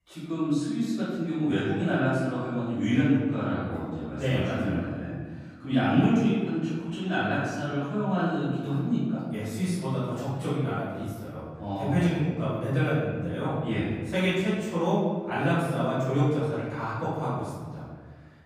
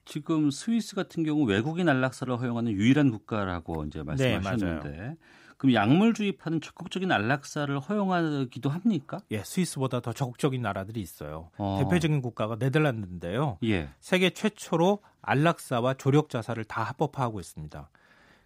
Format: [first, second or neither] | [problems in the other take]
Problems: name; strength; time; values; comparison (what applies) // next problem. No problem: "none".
second | off-mic speech; far // room echo; strong; dies away in 1.5 s